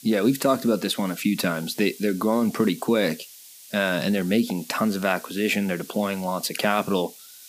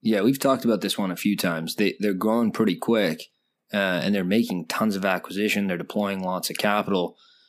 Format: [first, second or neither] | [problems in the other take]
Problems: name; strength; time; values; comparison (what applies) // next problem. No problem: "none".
second | hiss; noticeable; throughout; 20 dB below the speech